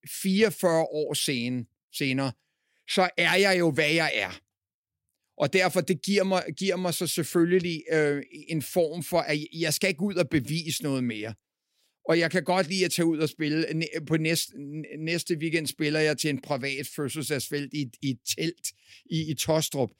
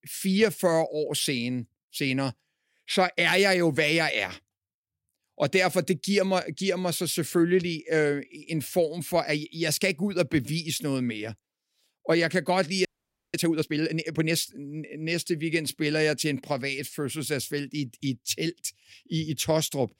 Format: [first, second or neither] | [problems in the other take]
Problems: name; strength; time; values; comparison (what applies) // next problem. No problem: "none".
first | audio freezing; at 13 s